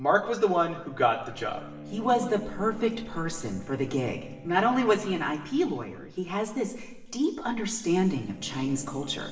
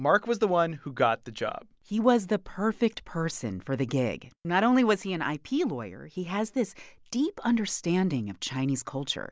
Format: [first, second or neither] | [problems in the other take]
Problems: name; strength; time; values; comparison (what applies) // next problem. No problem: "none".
second | background sound (Bowed string instrument); 18 dB below the speech // room echo; dies away in 1.1 s